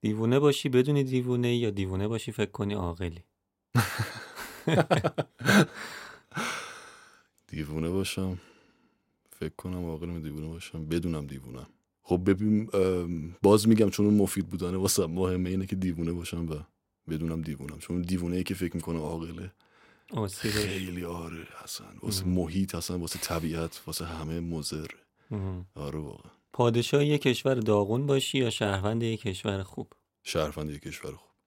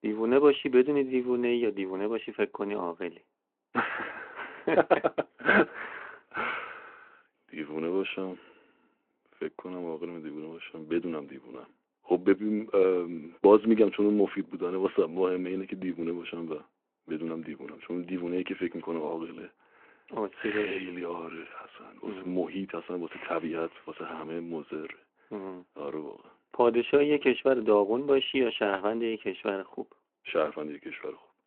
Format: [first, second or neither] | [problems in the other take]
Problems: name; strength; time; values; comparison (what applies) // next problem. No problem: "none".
first | phone-call audio